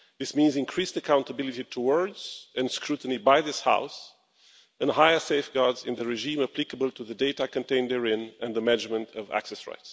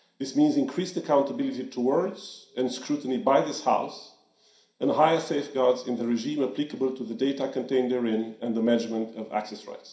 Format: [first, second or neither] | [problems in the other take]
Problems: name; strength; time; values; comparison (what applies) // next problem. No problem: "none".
first | room echo; dies away in 0.5 s